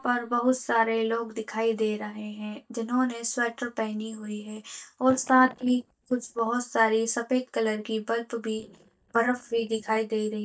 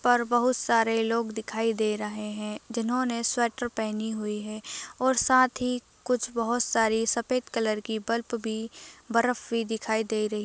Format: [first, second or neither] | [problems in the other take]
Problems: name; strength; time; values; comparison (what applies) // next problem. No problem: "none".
second | noise reduction (neural mask model DeepFilterNet 3)